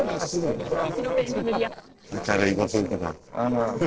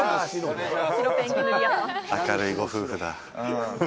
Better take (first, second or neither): second